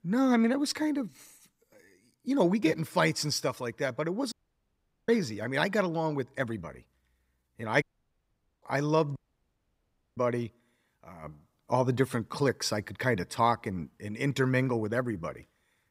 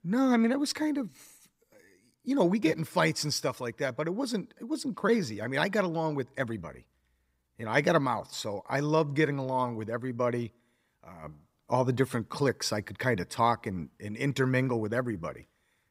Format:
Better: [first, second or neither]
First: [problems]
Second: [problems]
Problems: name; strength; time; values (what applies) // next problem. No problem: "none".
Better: second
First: audio cutting out; at 4.5 s for 1 s, at 8 s for 1 s and at 9 s for 1 s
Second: none